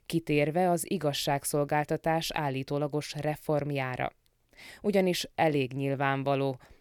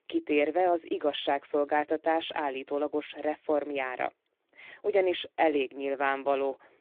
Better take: first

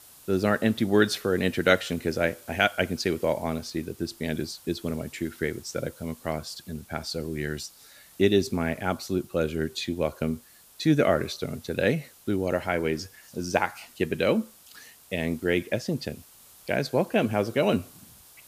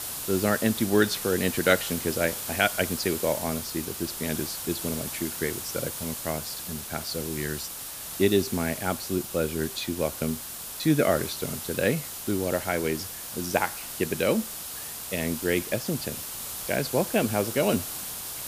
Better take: first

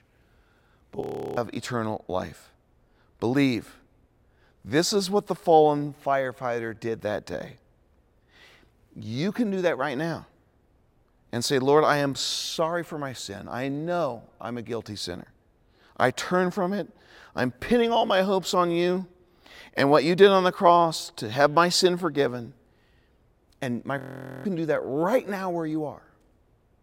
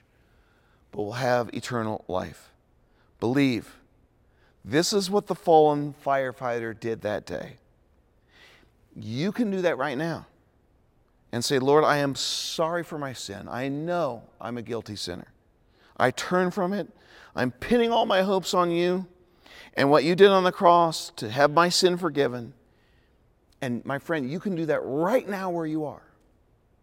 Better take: second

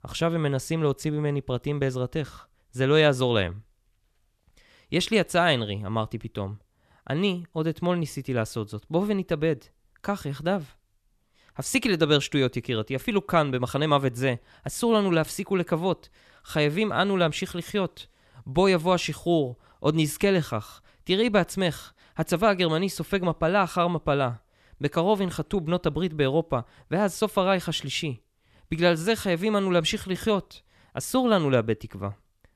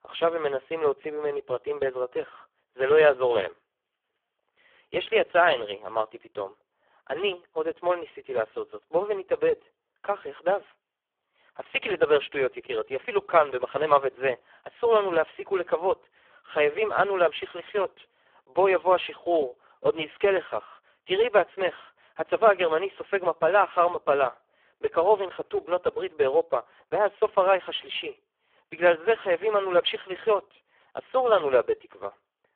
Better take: first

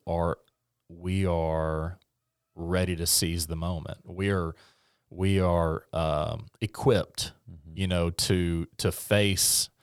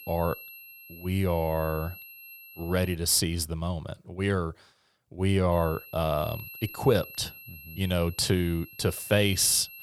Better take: first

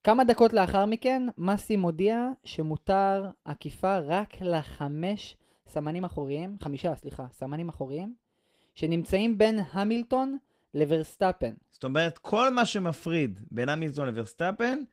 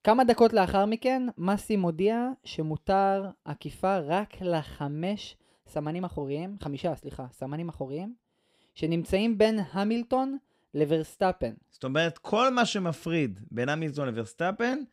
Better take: second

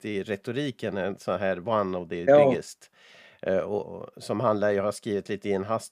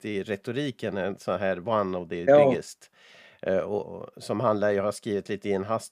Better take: neither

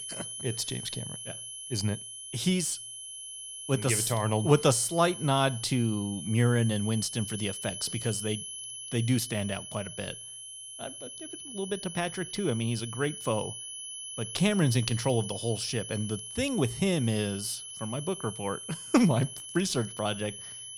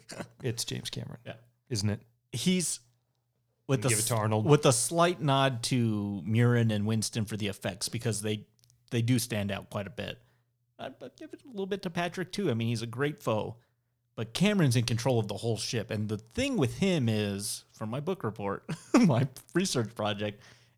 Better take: second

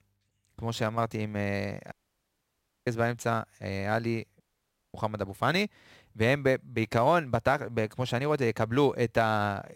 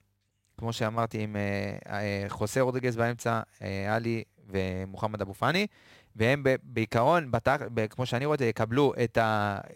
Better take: second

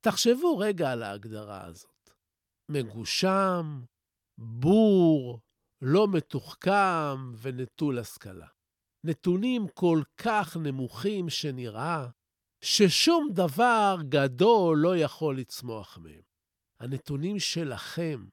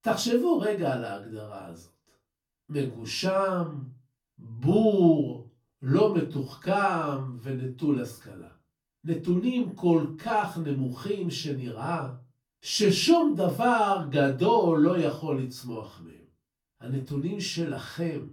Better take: first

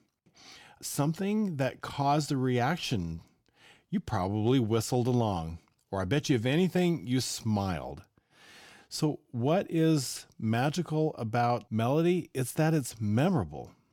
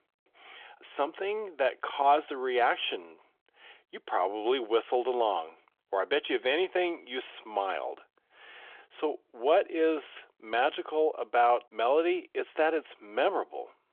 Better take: first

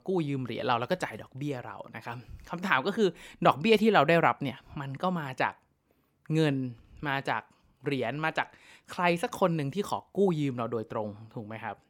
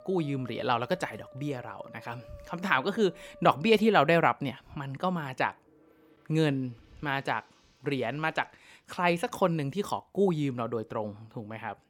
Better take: first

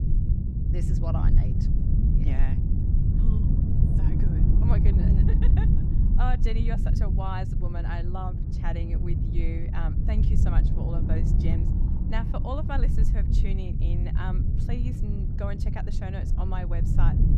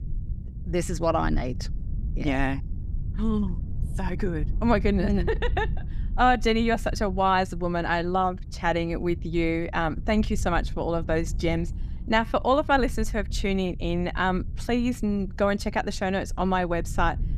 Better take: second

